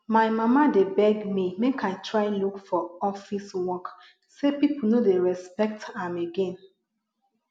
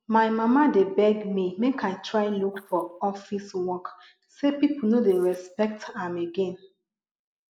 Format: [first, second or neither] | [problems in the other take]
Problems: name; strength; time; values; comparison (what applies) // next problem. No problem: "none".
first | noise reduction (neural mask model Resemble Enhance denoiser)